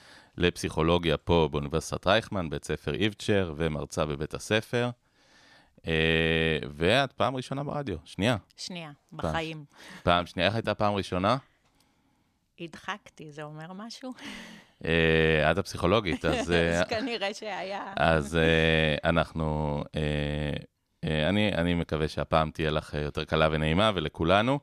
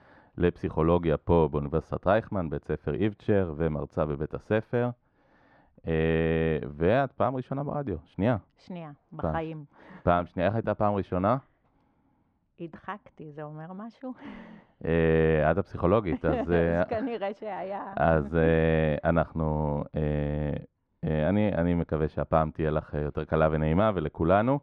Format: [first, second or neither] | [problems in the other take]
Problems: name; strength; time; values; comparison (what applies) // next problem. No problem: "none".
first | muffled; very; fading above 3.5 kHz